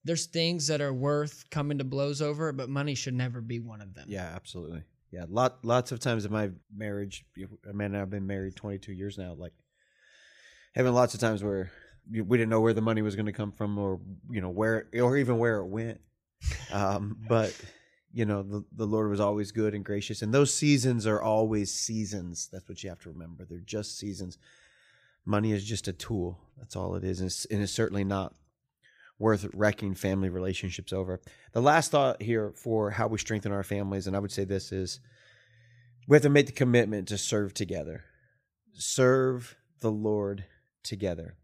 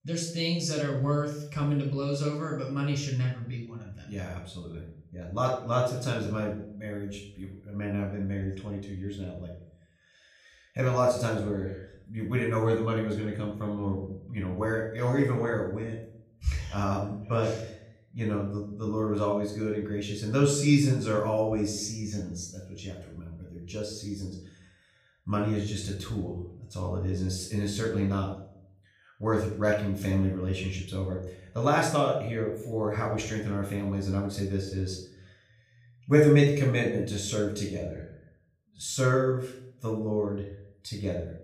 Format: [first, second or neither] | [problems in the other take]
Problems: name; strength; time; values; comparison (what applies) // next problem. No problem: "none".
first | off-mic speech; somewhat distant // room echo; noticeable; dies away in 0.5 s